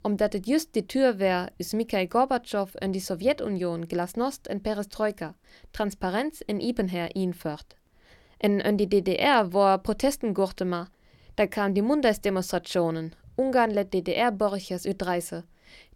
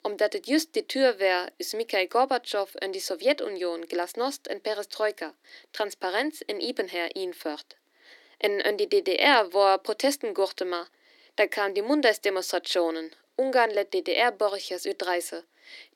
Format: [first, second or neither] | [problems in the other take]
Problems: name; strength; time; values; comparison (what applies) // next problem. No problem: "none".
first | thin; somewhat; fading below 300 Hz